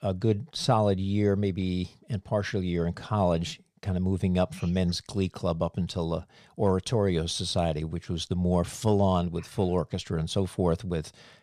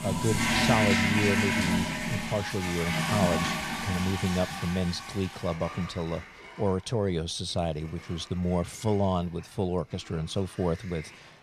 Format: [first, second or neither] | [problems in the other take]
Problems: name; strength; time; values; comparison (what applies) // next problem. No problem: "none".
first | household noises; very loud; throughout; 2 dB above the speech